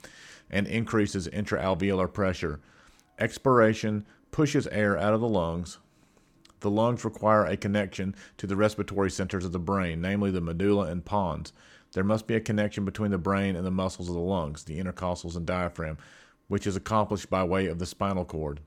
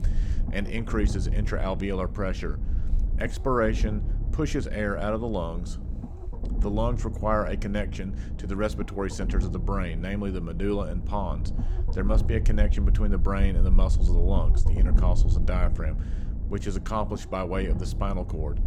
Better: first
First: none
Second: low rumble; noticeable; throughout; 15 dB below the speech

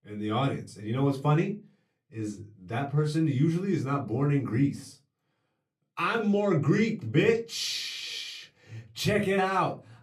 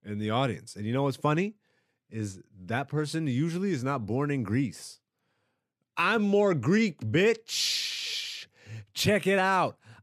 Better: second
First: off-mic speech; far // room echo; very slight; dies away in 0.2 s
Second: none

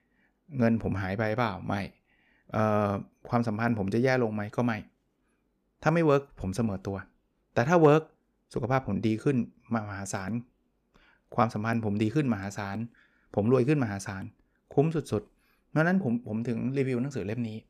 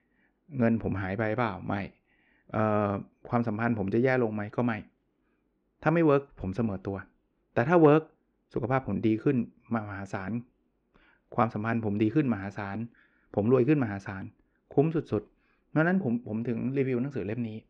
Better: first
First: none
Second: muffled; slightly; fading above 2.5 kHz

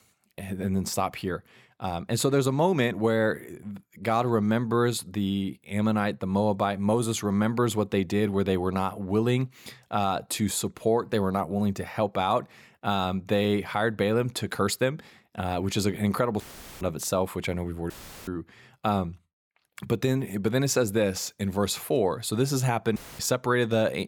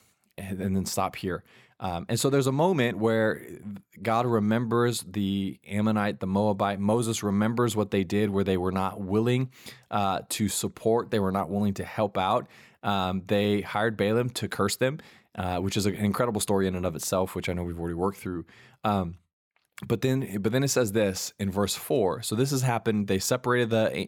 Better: second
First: audio cutting out; filled with static; at 16 s, at 18 s and at 23 s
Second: none

